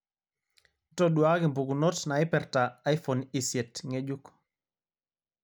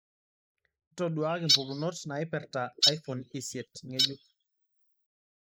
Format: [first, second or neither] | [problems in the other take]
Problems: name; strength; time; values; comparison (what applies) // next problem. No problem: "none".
first | noise reduction (neural mask model Resemble Enhance denoiser)